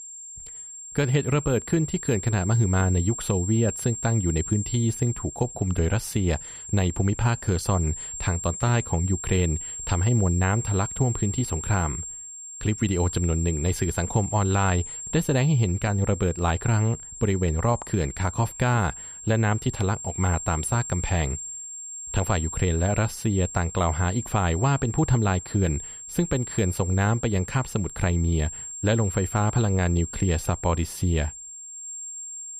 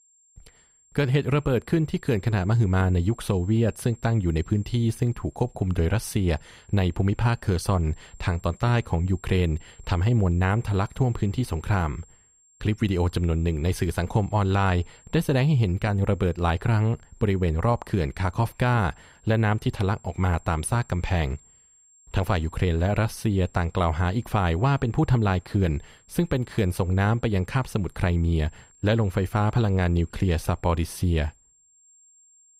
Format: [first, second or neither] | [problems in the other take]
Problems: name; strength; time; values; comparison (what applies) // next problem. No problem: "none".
second | high-pitched whine; loud; throughout; 7.5 kHz, 9 dB below the speech; faint in the second